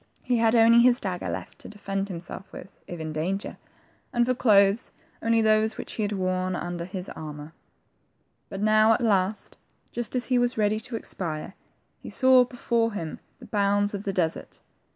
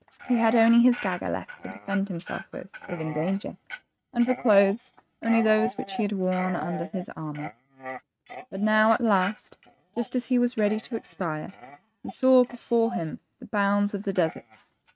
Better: first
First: none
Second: noise reduction (neural mask model RNNoise)

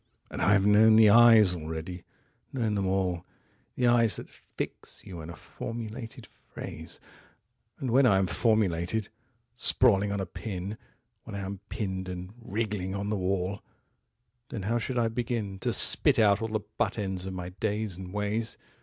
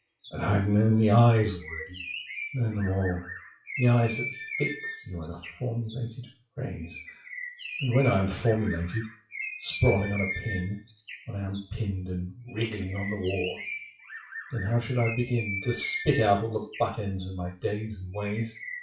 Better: first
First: none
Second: noise reduction (classical method WPE with log-MMSE)

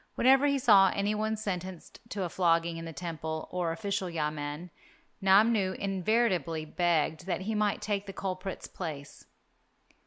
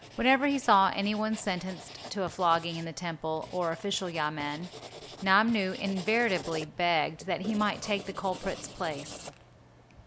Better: first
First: none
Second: background sound (Writing); 16 dB below the speech

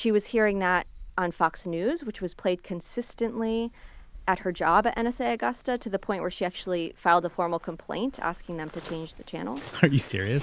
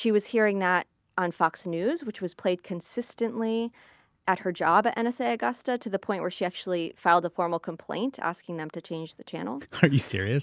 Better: second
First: background sound (Waves, surf); 20 dB below the speech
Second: none

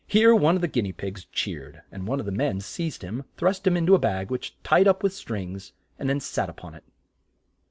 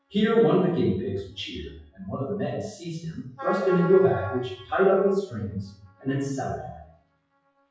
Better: first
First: none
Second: noise reduction (classical method WPE with log-MMSE)

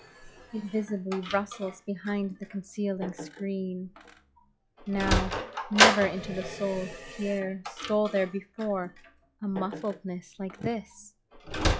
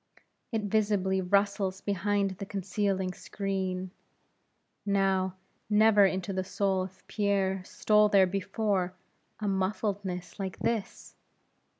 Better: second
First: noise reduction (classical method log-MMSE)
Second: none

